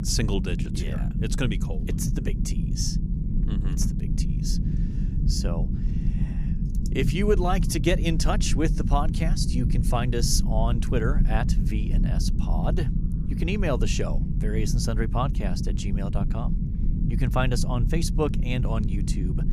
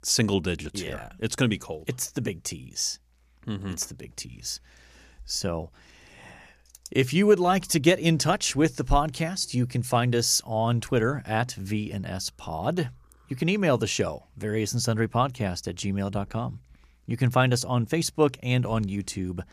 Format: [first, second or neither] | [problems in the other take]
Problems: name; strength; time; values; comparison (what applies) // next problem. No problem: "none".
second | low rumble; loud; throughout; 8 dB below the speech